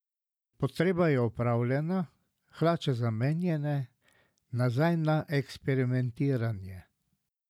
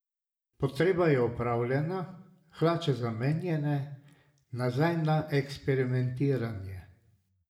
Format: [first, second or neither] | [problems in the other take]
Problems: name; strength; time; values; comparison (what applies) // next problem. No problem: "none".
first | room echo; dies away in 0.6 s